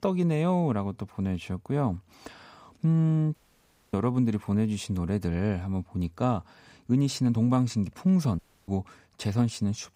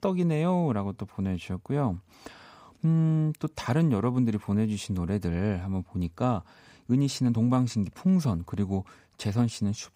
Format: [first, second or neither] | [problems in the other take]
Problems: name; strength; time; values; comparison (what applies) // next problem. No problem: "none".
second | audio cutting out; at 3.5 s for 0.5 s and at 8.5 s